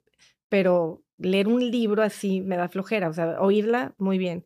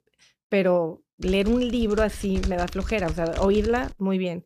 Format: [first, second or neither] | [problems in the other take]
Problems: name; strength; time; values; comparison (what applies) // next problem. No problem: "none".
first | keyboard typing; noticeable; from 1 to 4 s; peak 8 dB below the speech